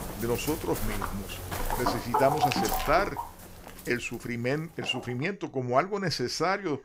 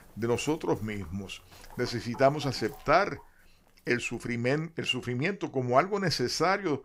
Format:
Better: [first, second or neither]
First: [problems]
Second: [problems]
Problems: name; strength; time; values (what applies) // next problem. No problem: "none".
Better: second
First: animal sounds; loud; throughout; 2 dB below the speech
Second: animal sounds; faint; throughout; 25 dB below the speech